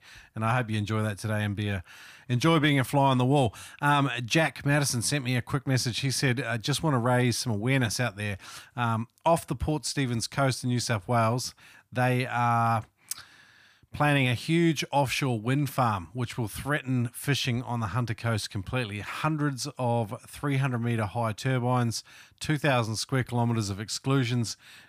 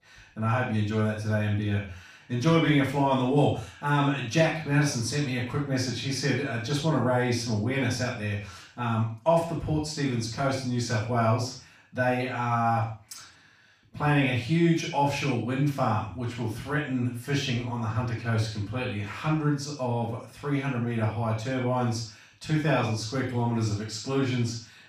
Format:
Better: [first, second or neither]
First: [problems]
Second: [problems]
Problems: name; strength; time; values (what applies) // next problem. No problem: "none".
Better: first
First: none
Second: room echo; strong; dies away in 0.4 s // off-mic speech; far